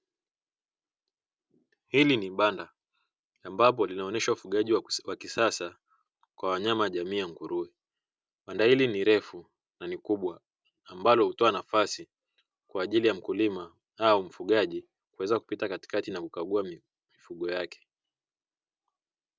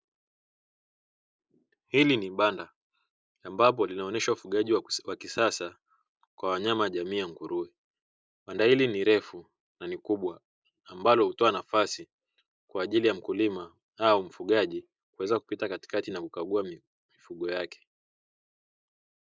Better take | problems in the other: first | noise reduction (neural mask model Resemble Enhance denoiser)

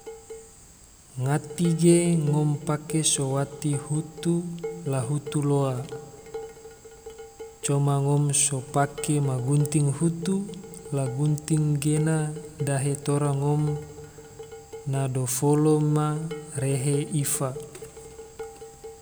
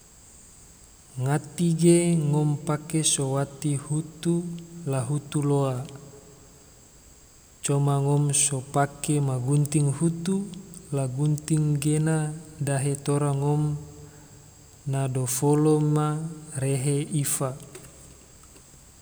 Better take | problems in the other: second | background sound (Dishes, pots, and pans); 15 dB below the speech

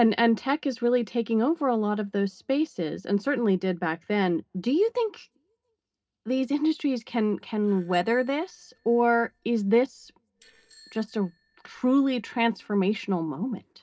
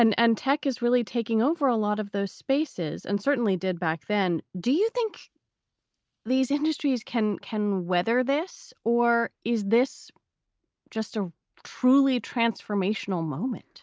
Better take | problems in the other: second | noise reduction (neural separator model SepFormer DNS4)

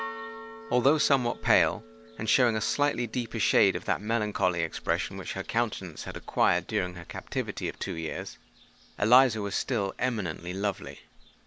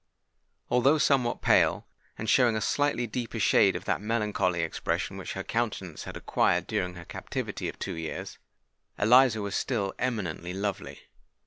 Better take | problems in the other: second | background sound (Church bell); 20 dB below the speech

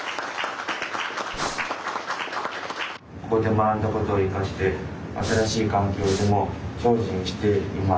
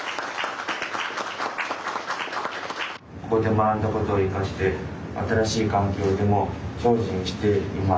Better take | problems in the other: second | background sound (Breathing); 10 dB below the speech

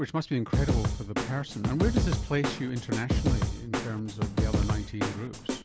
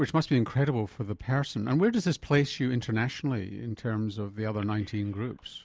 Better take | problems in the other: second | background sound (Snare drum / Drum kit); 3 dB above the speech

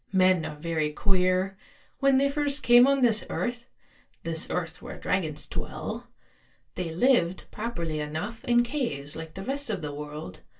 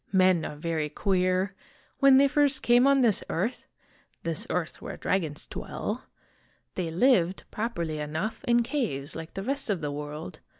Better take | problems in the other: second | room echo; dies away in 0.2 s

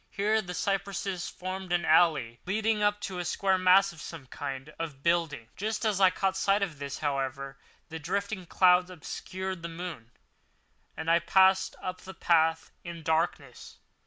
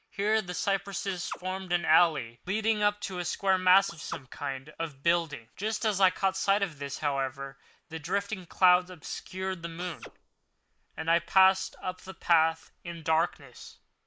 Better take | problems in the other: first | noise reduction (neural mask model Resemble Enhance denoiser)

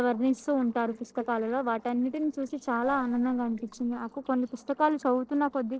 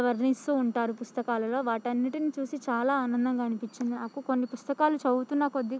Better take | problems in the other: second | noise reduction (neural separator model SepFormer DNS4)

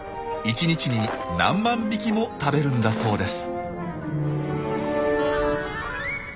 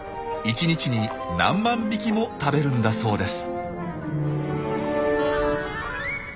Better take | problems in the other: second | background sound (Shatter); 16 dB below the speech

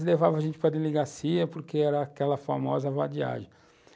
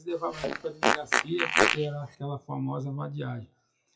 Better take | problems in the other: first | noise reduction (classical method WPE with log-MMSE)

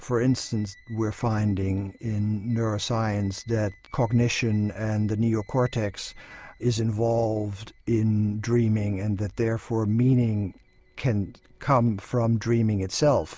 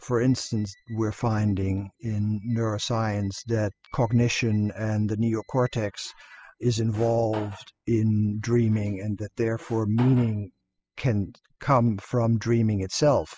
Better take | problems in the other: first | noise reduction (classical method spectral subtraction)

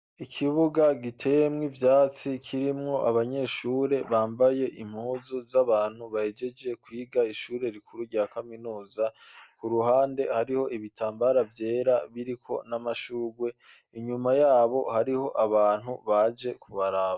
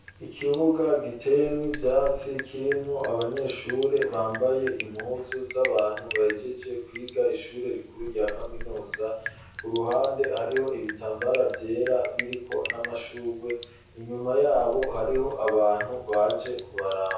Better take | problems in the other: first | background sound (Drip); 12 dB below the speech // room echo; dies away in 0.6 s

